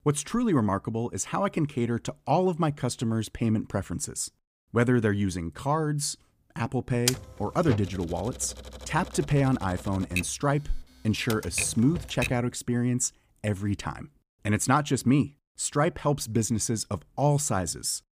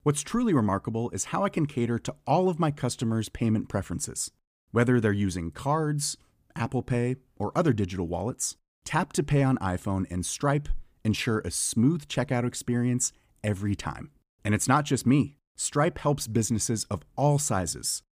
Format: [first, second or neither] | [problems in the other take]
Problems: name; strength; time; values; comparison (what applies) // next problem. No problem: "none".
second | keyboard typing; noticeable; from 7 to 12 s; peak 1 dB below the speech